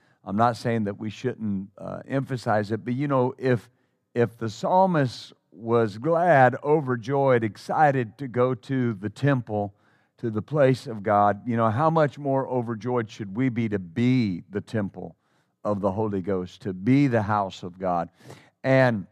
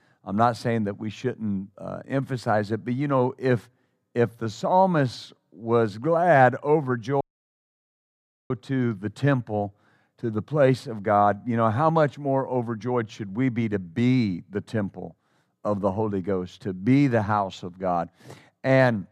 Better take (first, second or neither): first